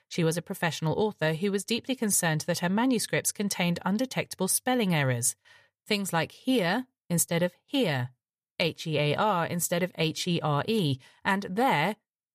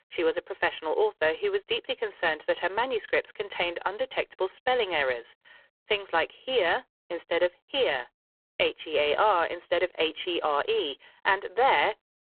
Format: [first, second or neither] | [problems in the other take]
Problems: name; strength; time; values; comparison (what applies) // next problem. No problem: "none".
first | phone-call audio; poor line